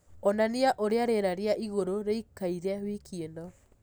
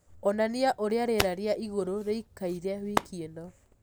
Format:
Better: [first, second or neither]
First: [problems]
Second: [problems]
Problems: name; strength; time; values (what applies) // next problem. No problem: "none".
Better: first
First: none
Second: background sound (Hands); 7 dB below the speech